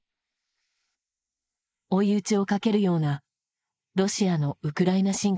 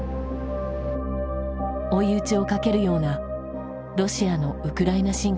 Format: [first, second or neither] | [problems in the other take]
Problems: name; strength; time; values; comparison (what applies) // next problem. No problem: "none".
second | noise reduction (neural mask model Resemble Enhance denoiser)